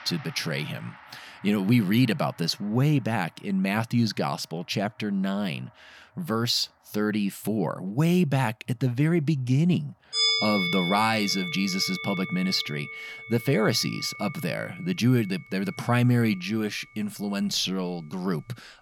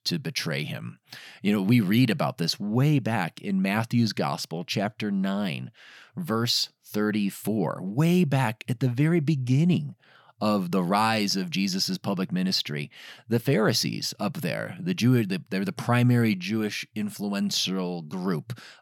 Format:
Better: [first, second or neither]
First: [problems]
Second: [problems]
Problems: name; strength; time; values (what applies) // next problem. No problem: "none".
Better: second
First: background music; loud; throughout; 4 dB below the speech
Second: none